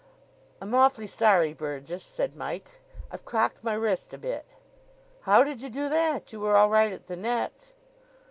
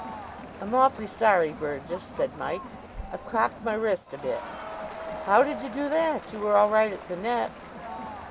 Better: first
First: none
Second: background sound (Crowd); 12 dB below the speech

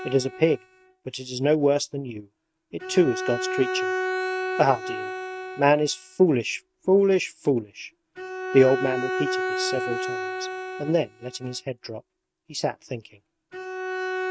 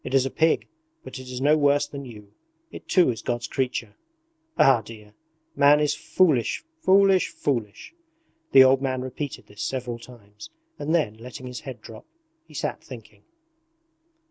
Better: second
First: noise reduction (neural mask model RNNoise)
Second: none

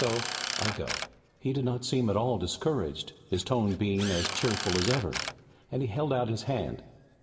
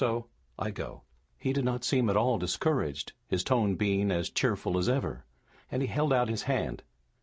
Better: second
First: background sound (Drill); 8 dB below the speech // room echo; dies away in 1.5 s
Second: none

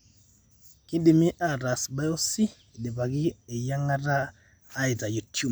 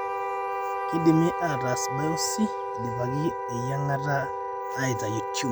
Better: first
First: none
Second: background sound (Wind instrument, woodwind instrument + Wind instrument, woodwind instrument); 2 dB below the speech

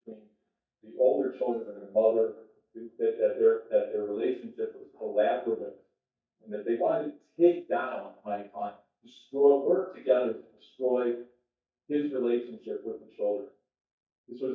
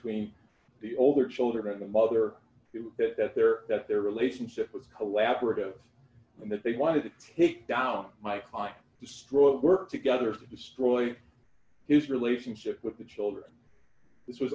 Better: second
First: noise reduction (neural mask model DeepFilterNet 3)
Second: none

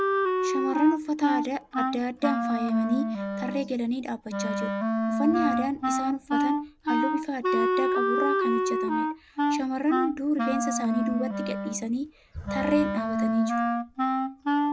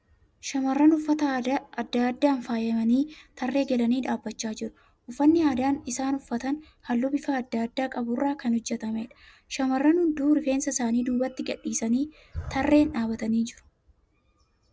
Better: second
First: background sound (Wind instrument, woodwind instrument); 3 dB above the speech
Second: none

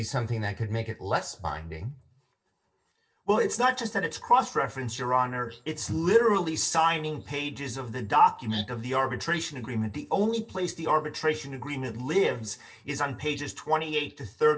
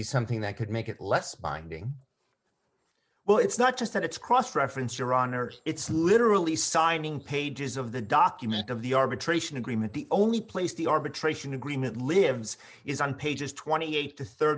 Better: second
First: room echo; dies away in 0.2 s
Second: none

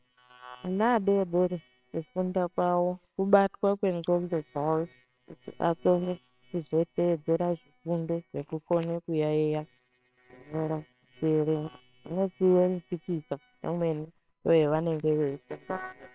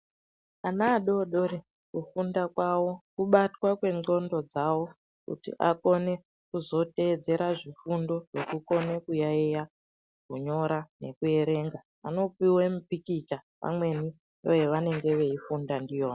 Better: second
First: noise reduction (neural separator model SepFormer WHAMR!)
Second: none

